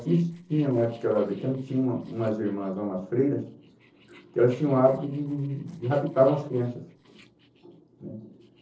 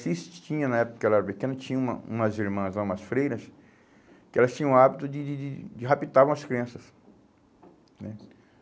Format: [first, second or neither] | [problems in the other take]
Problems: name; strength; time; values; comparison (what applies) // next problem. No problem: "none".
second | noise reduction (neural separator model SepFormer DNS4)